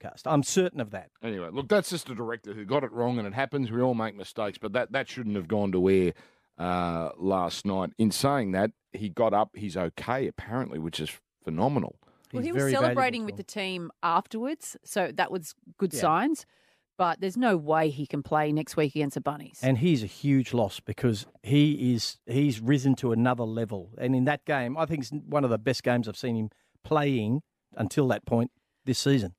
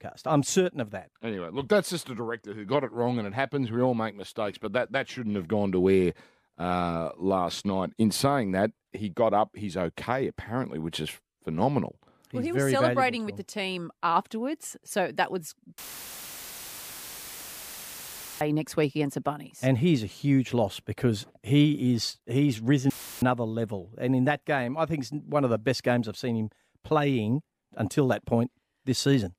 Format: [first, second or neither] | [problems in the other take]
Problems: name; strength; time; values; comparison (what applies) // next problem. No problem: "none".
first | audio cutting out; filled with static; at 16 s for 2.5 s and at 23 s